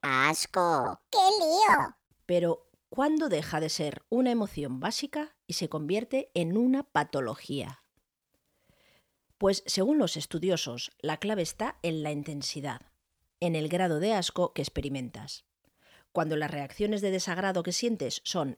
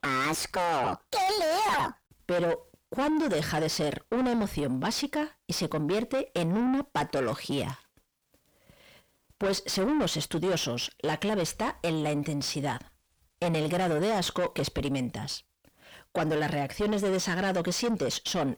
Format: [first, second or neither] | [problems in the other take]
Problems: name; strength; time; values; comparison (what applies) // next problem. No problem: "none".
first | distortion; heavy; 5 dB below the speech